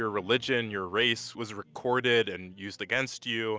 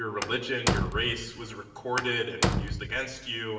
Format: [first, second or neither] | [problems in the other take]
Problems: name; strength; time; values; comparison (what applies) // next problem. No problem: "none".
first | background sound (Slam); as loud as the speech // room echo; dies away in 1 s